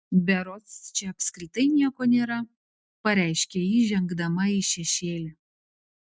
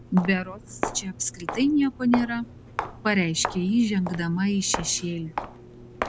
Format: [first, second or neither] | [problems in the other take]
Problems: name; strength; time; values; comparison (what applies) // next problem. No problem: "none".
first | background sound (Walk, footsteps); 9 dB below the speech